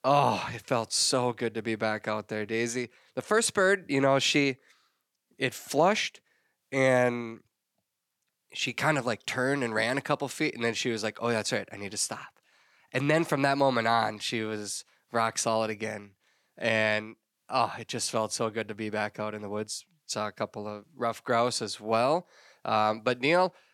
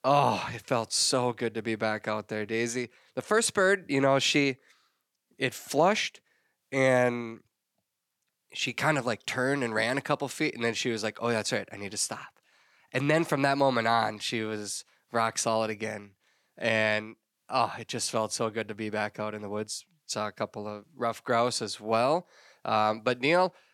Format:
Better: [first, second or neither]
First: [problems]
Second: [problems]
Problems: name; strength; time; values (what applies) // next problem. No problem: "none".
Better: neither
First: none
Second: none